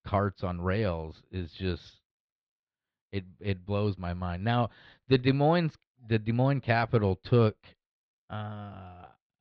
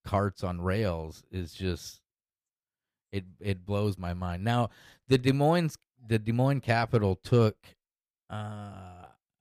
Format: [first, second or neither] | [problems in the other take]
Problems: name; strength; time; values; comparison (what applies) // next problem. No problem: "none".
second | muffled; very slightly; fading above 4 kHz